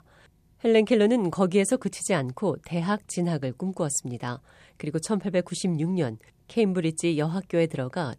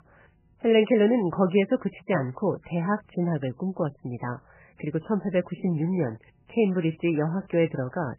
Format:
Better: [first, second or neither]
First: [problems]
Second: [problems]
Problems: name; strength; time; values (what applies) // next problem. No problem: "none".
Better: first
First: none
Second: garbled, watery; badly; nothing above 3 kHz